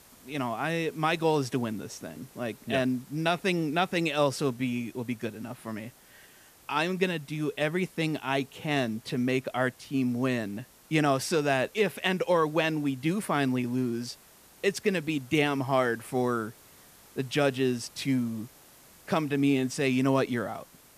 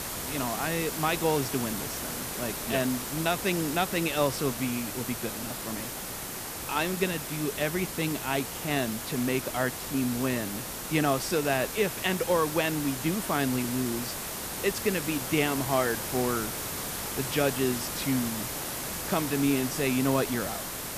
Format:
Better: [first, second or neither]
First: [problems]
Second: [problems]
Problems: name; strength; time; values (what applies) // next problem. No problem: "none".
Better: first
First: hiss; faint; throughout; 25 dB below the speech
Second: hiss; loud; throughout; 4 dB below the speech